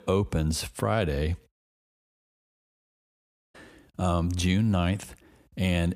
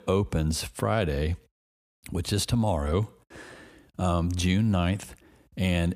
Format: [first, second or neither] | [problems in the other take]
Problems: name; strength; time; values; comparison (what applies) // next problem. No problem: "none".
second | audio cutting out; at 2 s for 1.5 s